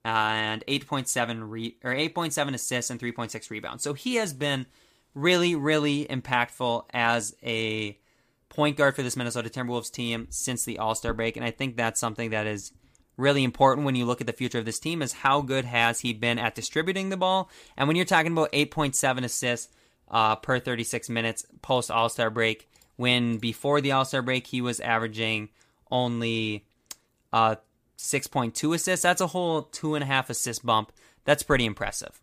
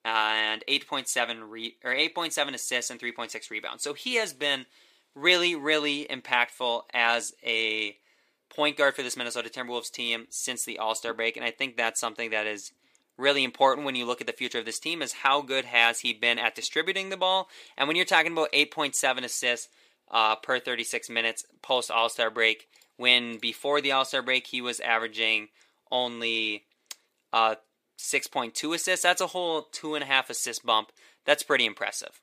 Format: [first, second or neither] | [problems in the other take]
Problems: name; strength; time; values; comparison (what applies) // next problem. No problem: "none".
first | thin; somewhat; fading below 400 Hz